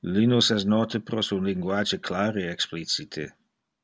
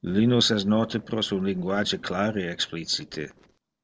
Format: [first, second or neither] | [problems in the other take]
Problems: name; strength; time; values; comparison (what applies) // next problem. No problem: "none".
first | noise reduction (neural separator model SepFormer DNS4)